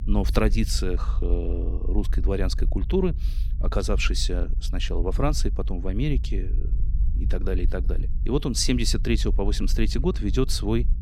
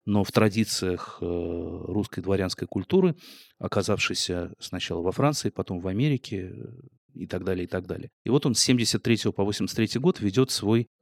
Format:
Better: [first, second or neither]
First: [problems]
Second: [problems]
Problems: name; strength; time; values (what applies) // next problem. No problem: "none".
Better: second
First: low rumble; noticeable; throughout; 20 dB below the speech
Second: none